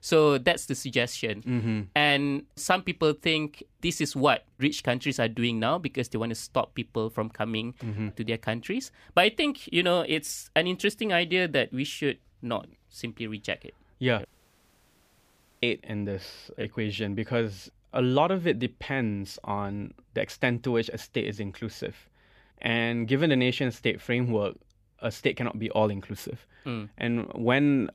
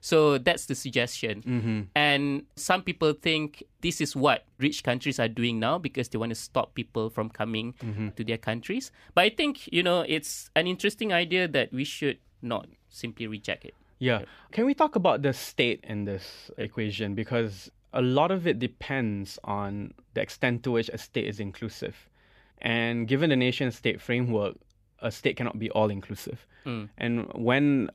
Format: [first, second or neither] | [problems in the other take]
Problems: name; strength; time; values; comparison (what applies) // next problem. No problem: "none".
second | audio cutting out; at 14 s for 1.5 s